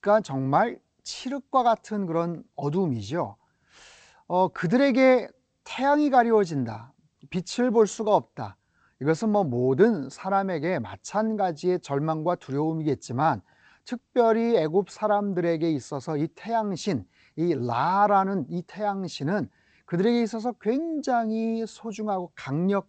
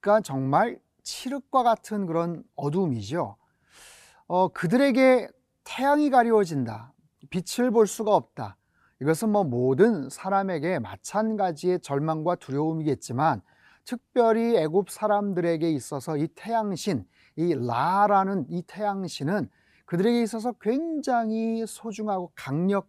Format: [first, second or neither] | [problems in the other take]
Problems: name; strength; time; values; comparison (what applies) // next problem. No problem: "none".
second | garbled, watery; slightly; nothing above 8 kHz